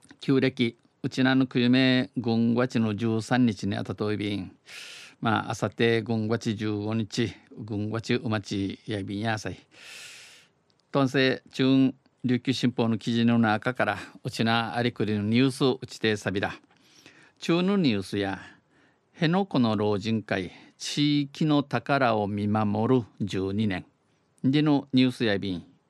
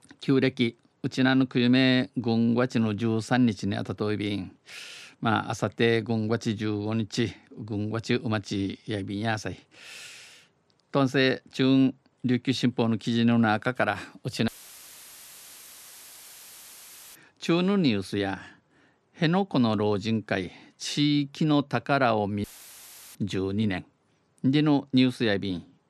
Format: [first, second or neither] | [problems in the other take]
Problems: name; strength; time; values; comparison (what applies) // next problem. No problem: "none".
first | audio cutting out; filled with static; at 14 s for 2.5 s and at 22 s for 0.5 s